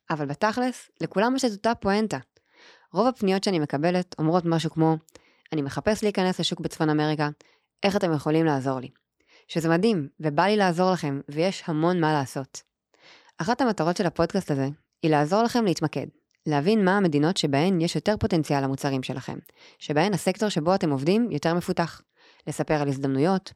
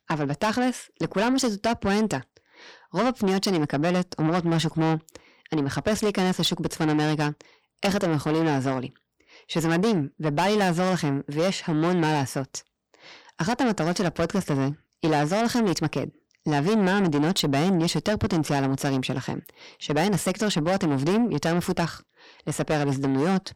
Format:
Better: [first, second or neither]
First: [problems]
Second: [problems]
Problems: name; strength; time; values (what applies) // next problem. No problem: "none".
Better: first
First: none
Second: distortion; heavy; 8 dB below the speech